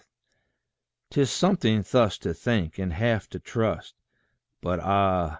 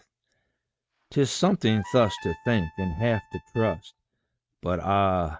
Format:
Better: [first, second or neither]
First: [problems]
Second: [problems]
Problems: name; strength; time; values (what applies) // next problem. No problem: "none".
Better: first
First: none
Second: noise reduction (neural mask model RNNoise)